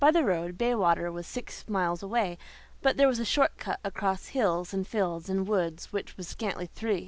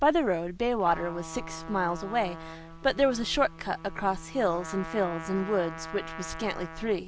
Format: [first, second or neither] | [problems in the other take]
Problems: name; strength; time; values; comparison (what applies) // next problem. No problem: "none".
first | background sound (Trumpet); 13 dB below the speech